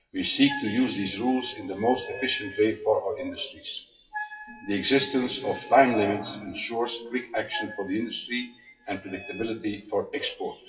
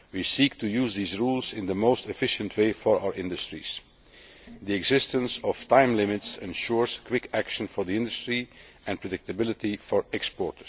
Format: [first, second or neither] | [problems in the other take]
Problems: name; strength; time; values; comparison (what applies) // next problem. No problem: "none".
second | noise reduction (classical method WPE with log-MMSE)